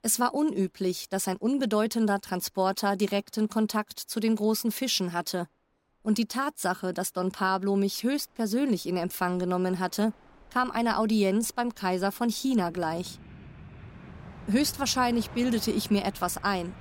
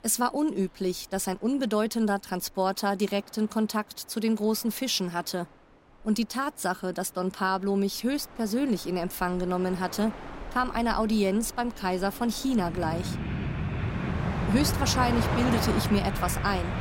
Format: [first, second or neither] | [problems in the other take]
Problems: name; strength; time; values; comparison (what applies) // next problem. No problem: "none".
first | train or aircraft noise; loud; throughout; 4 dB below the speech; faint in the first